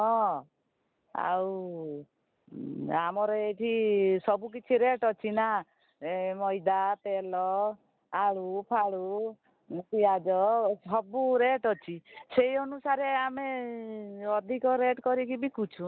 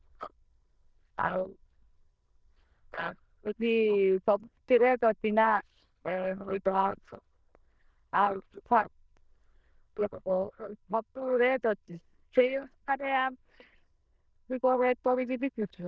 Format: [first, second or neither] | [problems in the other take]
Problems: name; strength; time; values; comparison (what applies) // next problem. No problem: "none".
first | noise reduction (neural diffusion model UNIVERSE++)